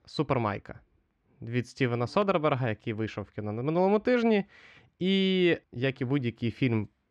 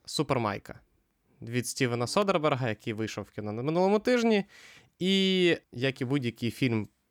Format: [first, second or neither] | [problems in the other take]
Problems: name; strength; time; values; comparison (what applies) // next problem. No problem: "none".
second | muffled; slightly; fading above 3 kHz